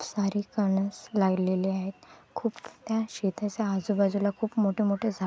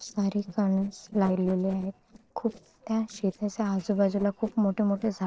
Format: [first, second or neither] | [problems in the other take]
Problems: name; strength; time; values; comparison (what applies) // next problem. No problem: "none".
first | noise reduction (neural separator model SepFormer DNS4)